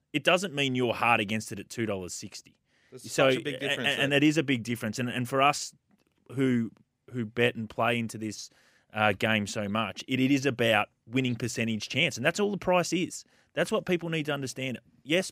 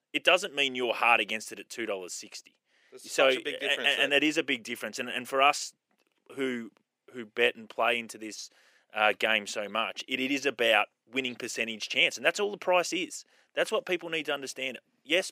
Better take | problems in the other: first | thin; somewhat; fading below 450 Hz

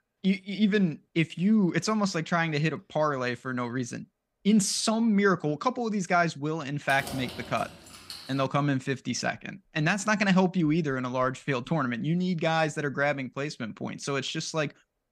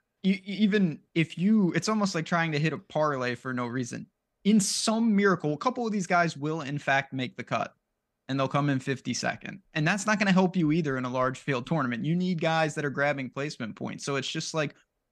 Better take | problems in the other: second | jangling keys; faint; from 7 to 8.5 s; peak 10 dB below the speech

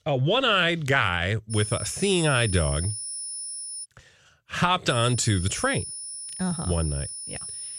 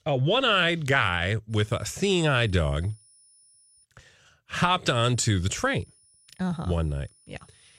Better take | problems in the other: second | high-pitched whine; loud; from 1.5 to 4 s and from 5 s on; 9.5 kHz, 8 dB below the speech; faint in the second

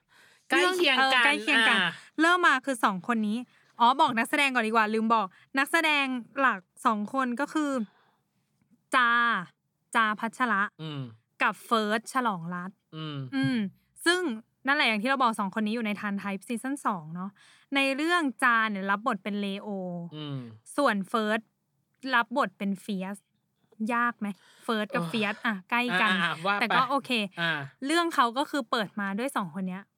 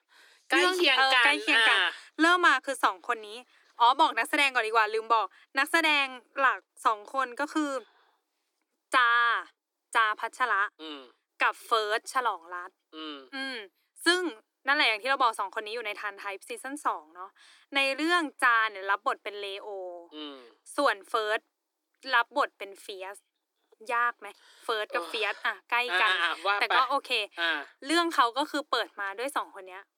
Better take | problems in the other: first | thin; somewhat; fading below 300 Hz

